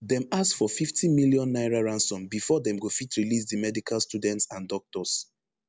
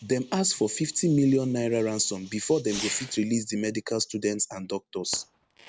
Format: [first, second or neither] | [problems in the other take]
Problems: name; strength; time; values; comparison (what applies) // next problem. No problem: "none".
first | background sound (Fireworks); 17 dB below the speech